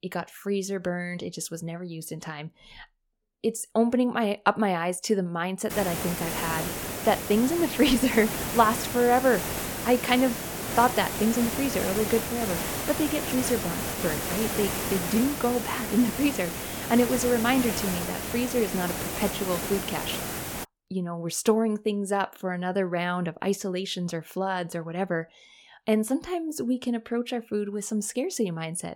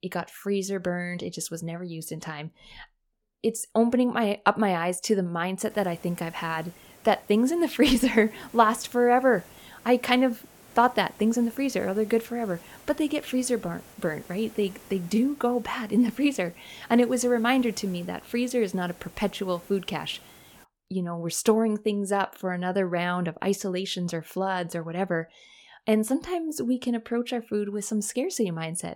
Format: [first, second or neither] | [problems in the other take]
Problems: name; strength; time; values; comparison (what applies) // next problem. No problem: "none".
second | hiss; loud; from 5.5 to 21 s; 4 dB below the speech; faint in the second